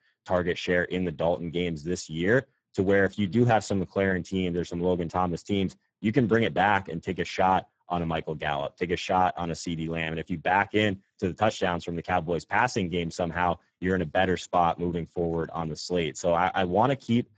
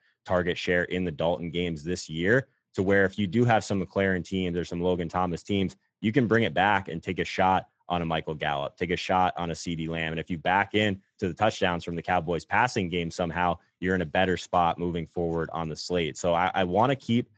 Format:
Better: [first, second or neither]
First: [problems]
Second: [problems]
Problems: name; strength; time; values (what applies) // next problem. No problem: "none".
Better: second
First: garbled, watery; badly; nothing above 7.5 kHz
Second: garbled, watery; slightly; nothing above 7.5 kHz